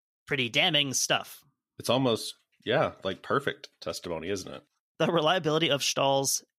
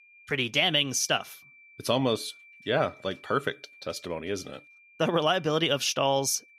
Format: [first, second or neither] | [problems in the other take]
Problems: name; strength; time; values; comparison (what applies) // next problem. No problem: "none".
first | high-pitched whine; faint; throughout; 2.5 kHz, 25 dB below the speech